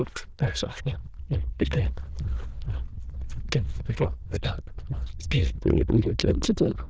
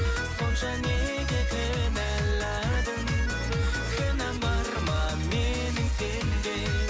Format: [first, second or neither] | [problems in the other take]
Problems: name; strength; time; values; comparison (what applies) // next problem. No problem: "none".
second | noise reduction (neural diffusion model UNIVERSE++)